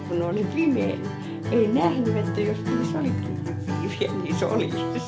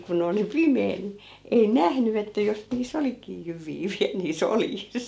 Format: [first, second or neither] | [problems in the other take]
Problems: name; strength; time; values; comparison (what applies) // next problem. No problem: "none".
second | background sound (Acoustic guitar); 2 dB below the speech